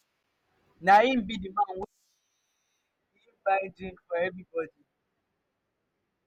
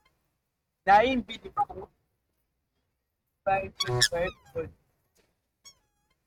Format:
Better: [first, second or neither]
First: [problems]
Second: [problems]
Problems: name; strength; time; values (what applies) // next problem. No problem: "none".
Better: first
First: none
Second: noise reduction (neural mask model RNNoise)